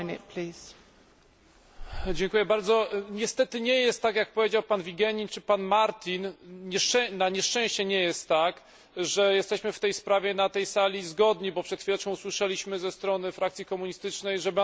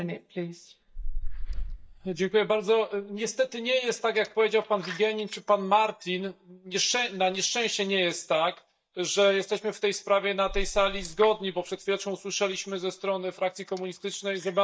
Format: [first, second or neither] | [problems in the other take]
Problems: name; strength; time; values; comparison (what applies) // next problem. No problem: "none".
first | noise reduction (neural mask model DeepFilterNet 3)